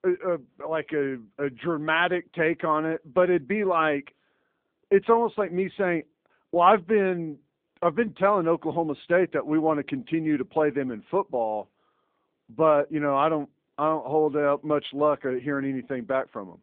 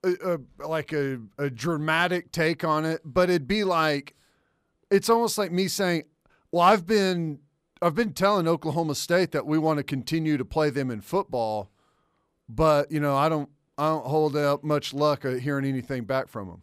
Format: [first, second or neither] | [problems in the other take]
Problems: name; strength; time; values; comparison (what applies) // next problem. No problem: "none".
second | phone-call audio